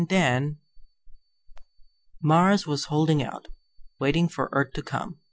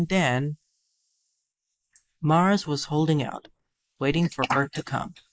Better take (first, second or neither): first